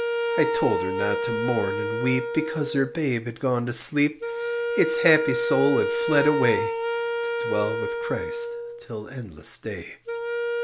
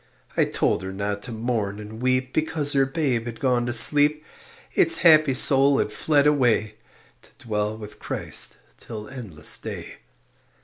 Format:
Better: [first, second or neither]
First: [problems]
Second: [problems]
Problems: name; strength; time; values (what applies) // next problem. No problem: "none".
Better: second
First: background sound (Wind instrument, woodwind instrument); 1 dB below the speech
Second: none